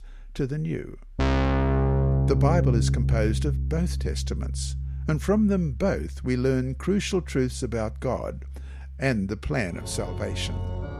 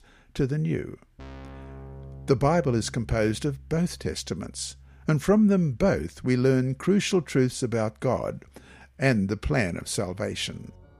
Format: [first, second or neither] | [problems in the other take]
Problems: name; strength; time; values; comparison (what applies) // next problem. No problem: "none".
second | background music; loud; throughout; as loud as the speech; faint in the second